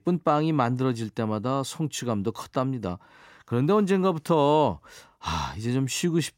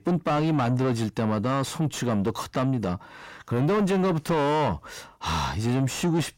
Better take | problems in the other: first | distortion; heavy; 6 dB below the speech

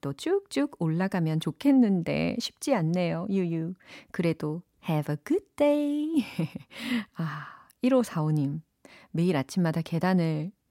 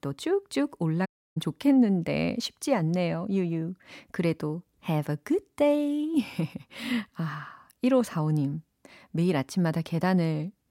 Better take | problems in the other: first | audio cutting out; at 1 s

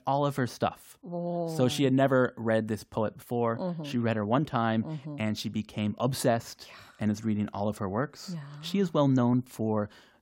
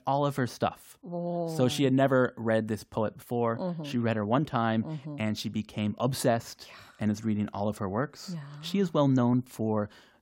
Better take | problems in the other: neither | none

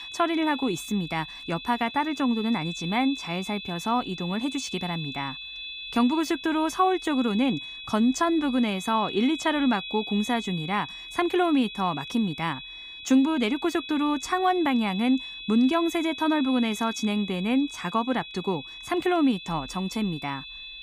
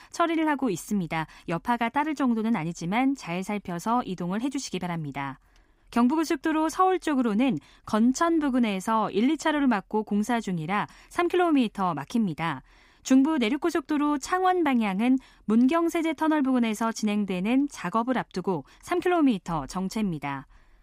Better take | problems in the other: second | high-pitched whine; loud; throughout; 3.5 kHz, 10 dB below the speech

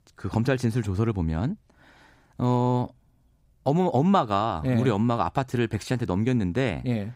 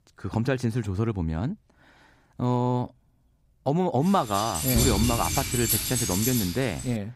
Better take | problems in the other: first | jangling keys; loud; from 4.5 s on; peak 3 dB above the speech

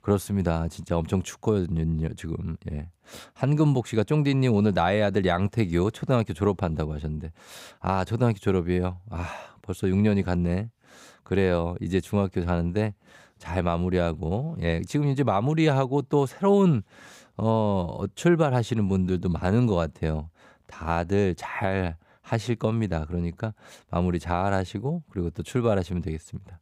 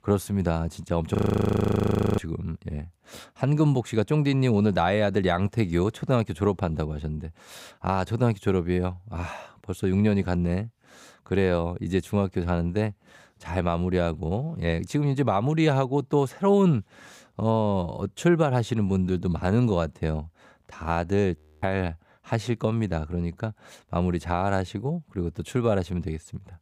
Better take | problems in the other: first | audio freezing; at 1 s for 1 s and at 21 s

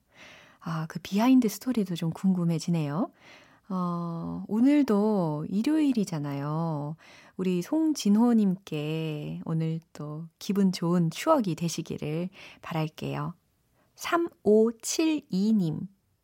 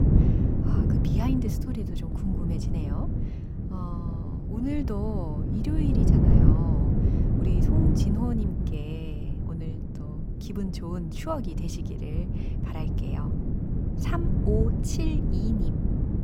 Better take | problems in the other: first | wind noise on the microphone; heavy; 1 dB above the speech

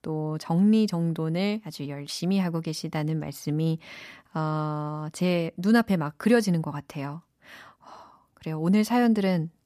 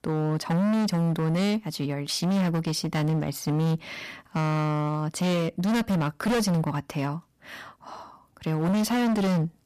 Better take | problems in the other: first | distortion; heavy; 24% of the sound clipped

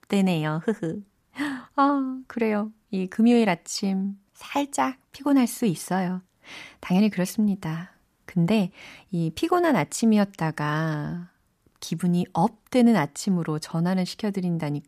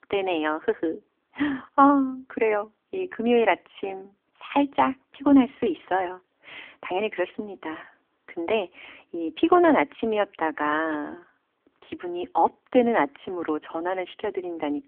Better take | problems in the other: first | phone-call audio; poor line; nothing above 3.5 kHz

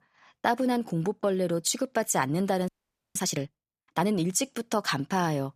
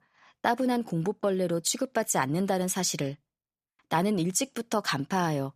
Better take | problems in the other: second | audio freezing; at 2.5 s

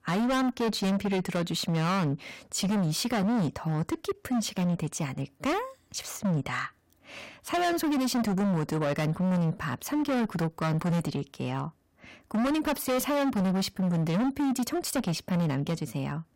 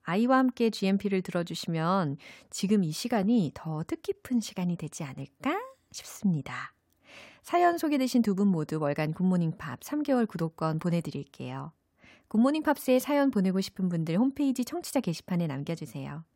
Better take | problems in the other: second | distortion; heavy; 25% of the sound clipped

